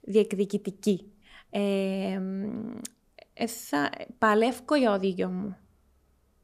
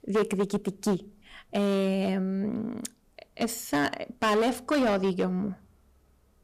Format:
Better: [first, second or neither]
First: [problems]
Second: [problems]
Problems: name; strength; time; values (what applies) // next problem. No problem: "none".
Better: first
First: none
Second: distortion; heavy; 8% of the sound clipped